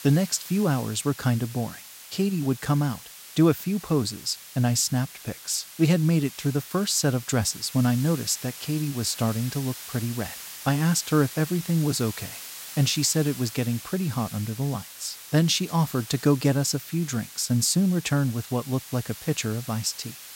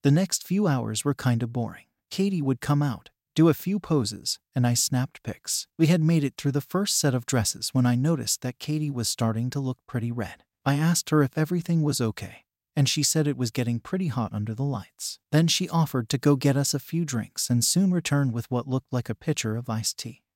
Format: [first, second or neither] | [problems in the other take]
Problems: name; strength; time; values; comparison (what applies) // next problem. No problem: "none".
second | hiss; noticeable; throughout; 15 dB below the speech